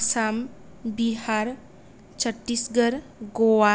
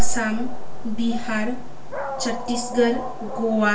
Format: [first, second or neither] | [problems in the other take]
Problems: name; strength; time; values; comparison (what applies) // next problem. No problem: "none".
first | background sound (Dog); 14 dB below the speech // room echo; dies away in 0.3 s